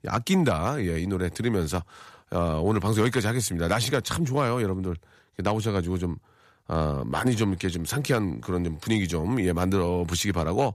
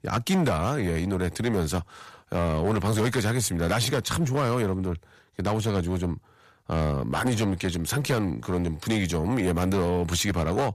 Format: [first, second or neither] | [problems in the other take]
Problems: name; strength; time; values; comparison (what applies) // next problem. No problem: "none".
first | distortion; slight; 9% of the sound clipped